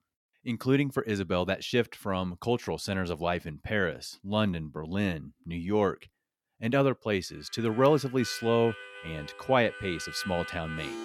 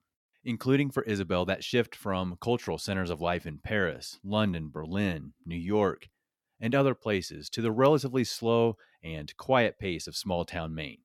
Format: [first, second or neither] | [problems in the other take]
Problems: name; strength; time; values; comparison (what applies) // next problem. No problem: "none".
second | background music; noticeable; from 7.5 s on; 15 dB below the speech